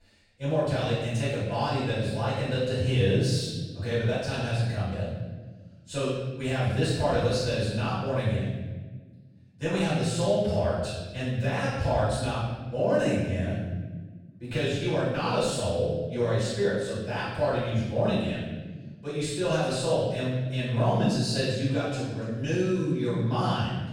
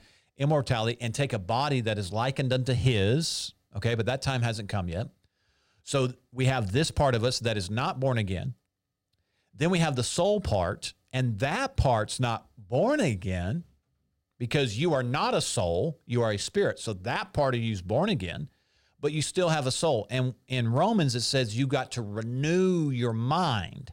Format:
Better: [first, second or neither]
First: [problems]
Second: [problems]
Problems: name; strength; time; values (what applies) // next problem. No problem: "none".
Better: second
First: off-mic speech; far // room echo; strong; dies away in 1.3 s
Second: none